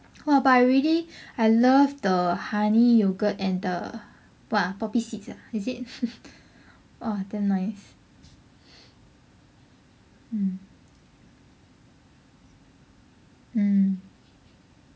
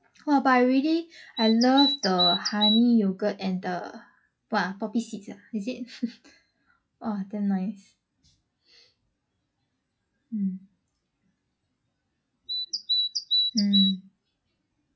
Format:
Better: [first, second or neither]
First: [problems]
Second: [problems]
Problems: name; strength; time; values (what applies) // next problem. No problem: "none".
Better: first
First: none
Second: noise reduction (classical method log-MMSE)